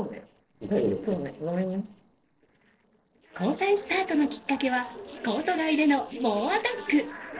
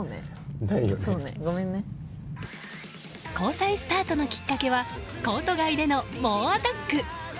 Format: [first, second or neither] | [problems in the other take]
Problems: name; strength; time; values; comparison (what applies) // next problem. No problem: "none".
second | noise reduction (neural separator model SepFormer DNS4)